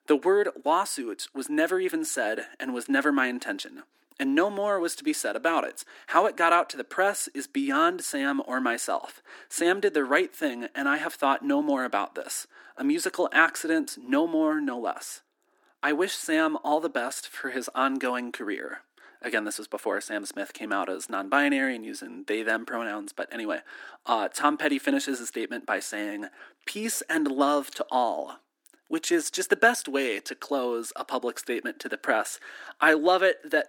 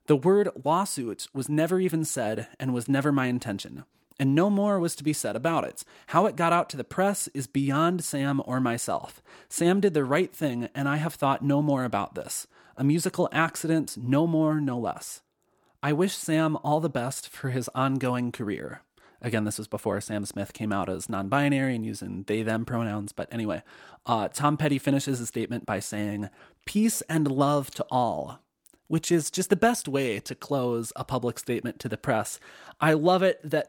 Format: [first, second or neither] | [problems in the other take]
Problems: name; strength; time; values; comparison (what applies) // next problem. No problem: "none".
second | thin; very slightly; fading below 250 Hz